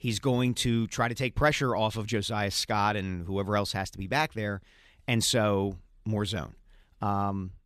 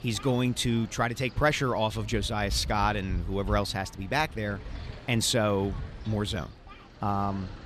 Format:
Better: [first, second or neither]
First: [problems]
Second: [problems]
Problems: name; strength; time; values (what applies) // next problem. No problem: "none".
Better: first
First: none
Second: wind noise on the microphone; occasional gusts; 20 dB below the speech